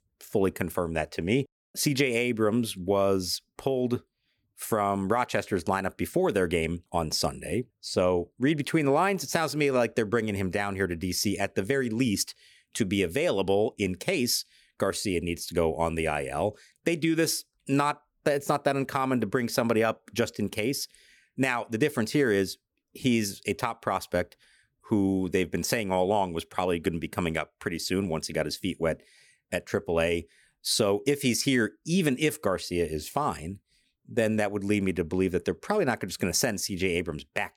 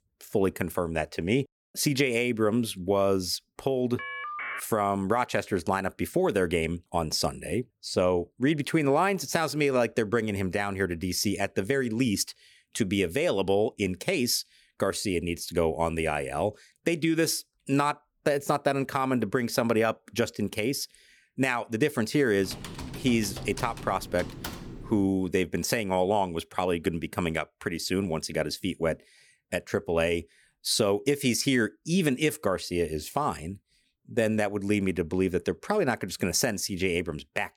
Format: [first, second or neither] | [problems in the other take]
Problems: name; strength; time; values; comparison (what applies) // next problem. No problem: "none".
first | phone ringing; noticeable; at 4 s; peak 6 dB below the speech // keyboard typing; noticeable; from 22 to 25 s; peak 10 dB below the speech